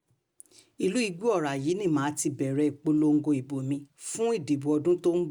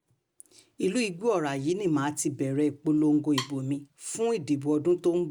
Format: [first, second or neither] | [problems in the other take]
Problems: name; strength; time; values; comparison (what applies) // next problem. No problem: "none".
first | background sound (Wood); 12 dB below the speech